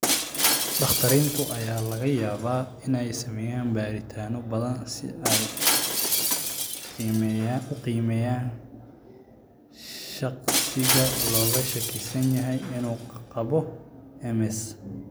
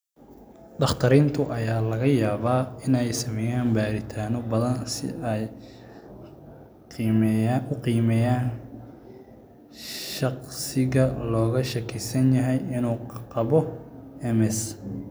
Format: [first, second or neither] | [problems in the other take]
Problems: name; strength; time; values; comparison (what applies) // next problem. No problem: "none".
second | background sound (Shatter); 2 dB below the speech